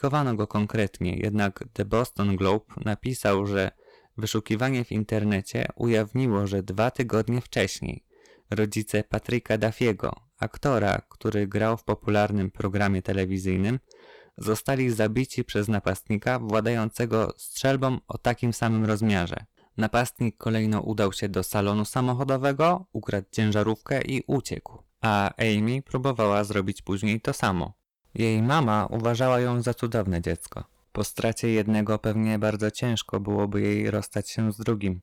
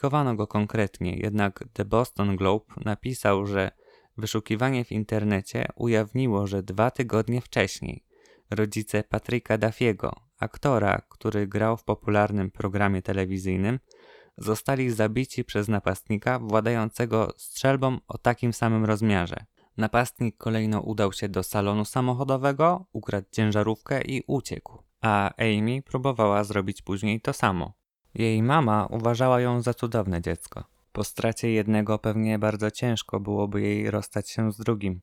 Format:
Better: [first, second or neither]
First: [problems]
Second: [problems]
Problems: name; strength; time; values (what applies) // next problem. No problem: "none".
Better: second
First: distortion; slight; 4% of the sound clipped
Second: none